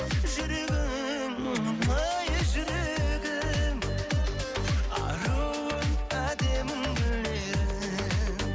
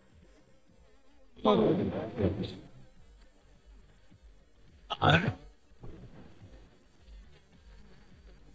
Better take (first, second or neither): first